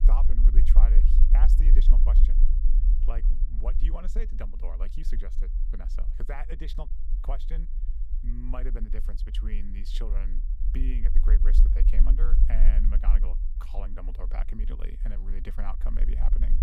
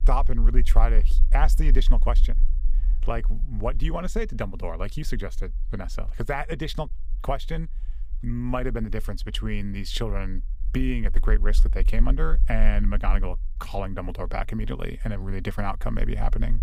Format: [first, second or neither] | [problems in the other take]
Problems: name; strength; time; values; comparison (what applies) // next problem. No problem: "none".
second | low rumble; loud; throughout; 7 dB below the speech; faint in the second